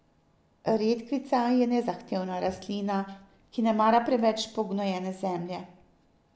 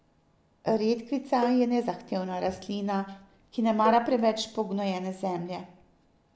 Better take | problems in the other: first | background sound (Cowbell); 12 dB below the speech

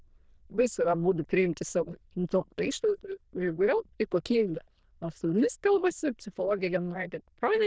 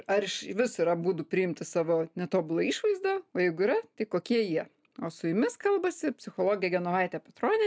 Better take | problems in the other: second | noise reduction (neural diffusion model UNIVERSE++)

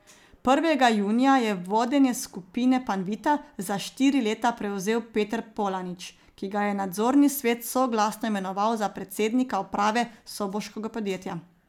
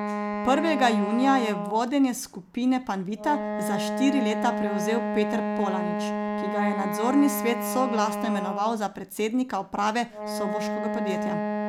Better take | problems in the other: first | background sound (Wind instrument, woodwind instrument); 3 dB below the speech

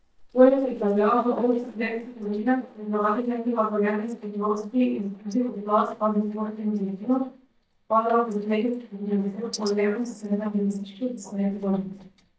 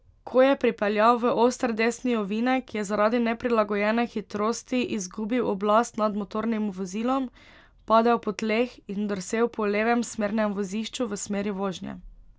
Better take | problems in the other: second | noise reduction (neural mask model DeepFilterNet 3)

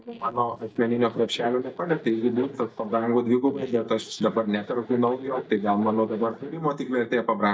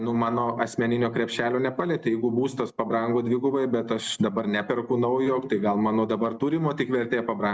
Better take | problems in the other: second | noise reduction (neural mask model DeepFilterNet 3)

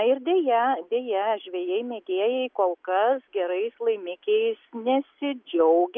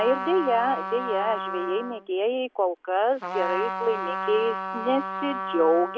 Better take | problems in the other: first | background sound (Trumpet); 6 dB below the speech

